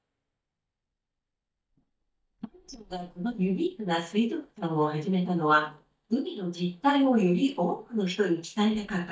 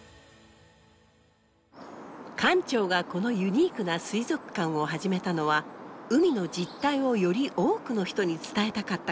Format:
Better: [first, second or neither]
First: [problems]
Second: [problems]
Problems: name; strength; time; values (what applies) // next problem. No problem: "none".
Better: second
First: noise reduction (neural mask model DeepFilterNet 3)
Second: none